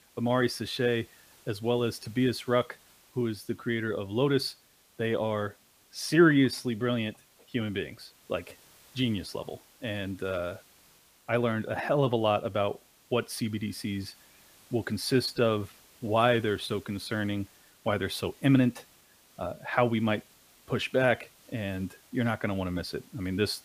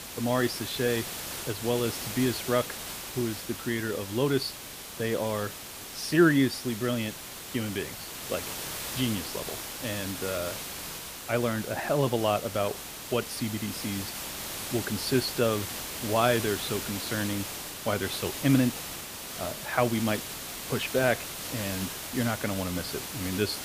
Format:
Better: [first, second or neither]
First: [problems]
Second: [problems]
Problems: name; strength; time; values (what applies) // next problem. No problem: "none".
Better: first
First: hiss; faint; throughout; 25 dB below the speech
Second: hiss; loud; throughout; 6 dB below the speech